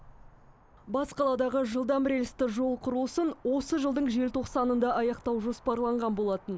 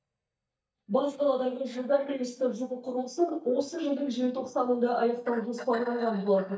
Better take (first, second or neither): first